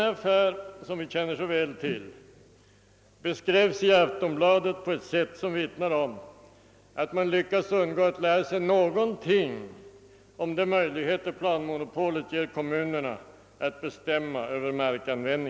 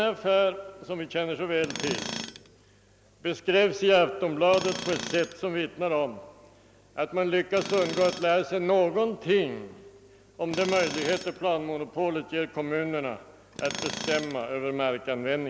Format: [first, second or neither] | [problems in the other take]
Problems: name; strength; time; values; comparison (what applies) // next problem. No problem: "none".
first | background sound (Tools); 14 dB below the speech